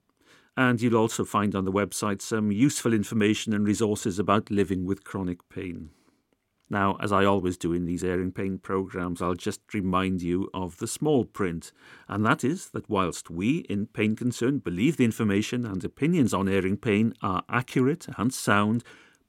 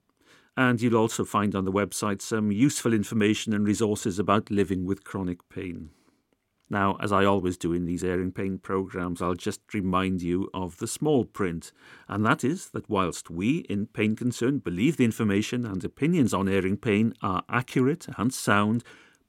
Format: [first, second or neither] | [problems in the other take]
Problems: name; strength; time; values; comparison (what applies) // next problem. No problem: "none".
neither | none